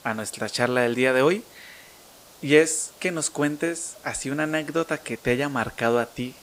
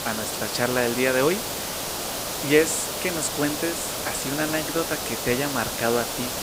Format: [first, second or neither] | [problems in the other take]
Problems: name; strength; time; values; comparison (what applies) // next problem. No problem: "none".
first | hiss; loud; throughout; 2 dB below the speech; faint in the first